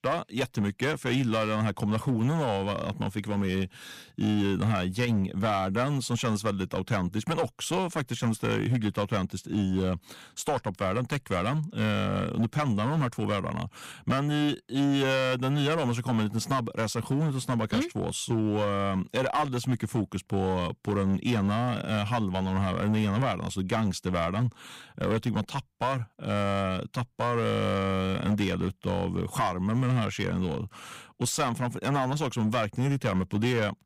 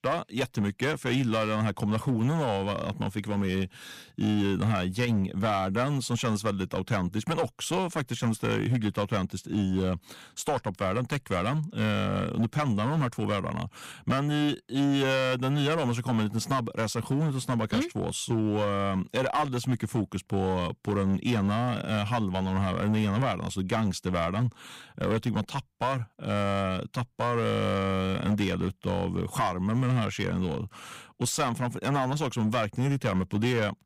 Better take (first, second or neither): neither